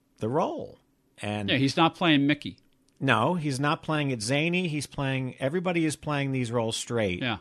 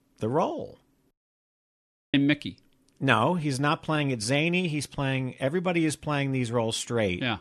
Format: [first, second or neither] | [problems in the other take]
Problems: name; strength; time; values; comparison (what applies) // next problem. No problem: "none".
first | audio cutting out; at 1 s for 1 s